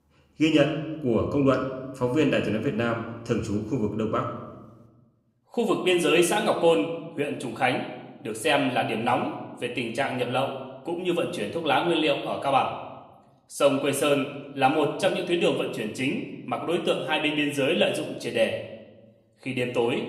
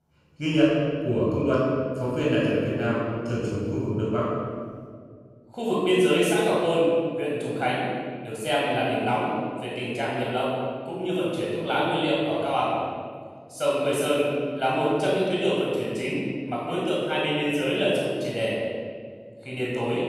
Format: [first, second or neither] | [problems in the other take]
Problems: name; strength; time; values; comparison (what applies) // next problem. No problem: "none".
first | room echo; strong; dies away in 1.8 s; slight in the first // off-mic speech; far; somewhat distant in the first